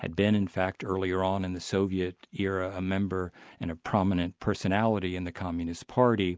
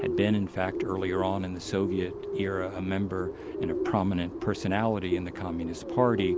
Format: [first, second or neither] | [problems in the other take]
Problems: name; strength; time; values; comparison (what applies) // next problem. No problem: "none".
first | background sound (Bird); 4 dB below the speech